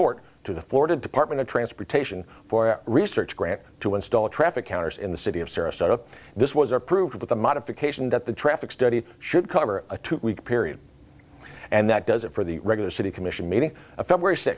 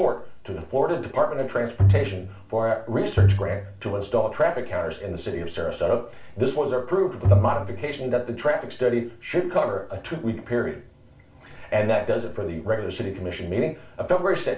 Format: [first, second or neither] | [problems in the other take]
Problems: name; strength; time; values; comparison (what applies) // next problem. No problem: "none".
first | background sound (Bowed string instrument); 2 dB above the speech // room echo; dies away in 0.3 s